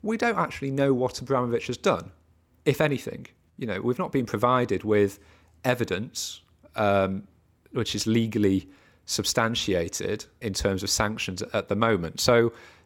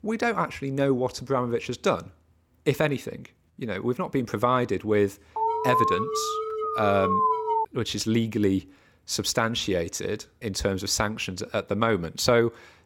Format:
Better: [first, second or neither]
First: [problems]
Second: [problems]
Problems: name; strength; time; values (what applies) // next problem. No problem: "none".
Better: first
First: none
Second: alarm; loud; from 5.5 to 7.5 s; peak 3 dB above the speech